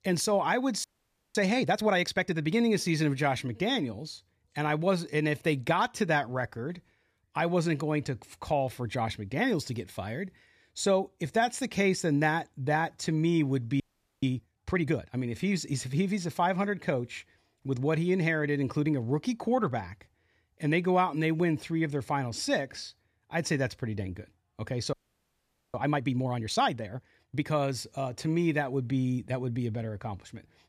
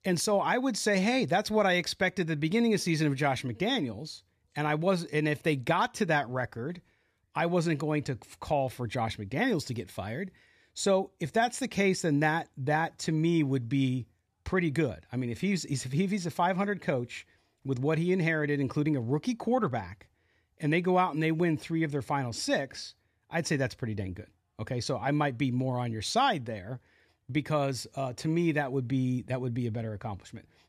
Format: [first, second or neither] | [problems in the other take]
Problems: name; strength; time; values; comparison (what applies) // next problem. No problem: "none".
second | audio freezing; at 1 s for 0.5 s, at 14 s and at 25 s for 1 s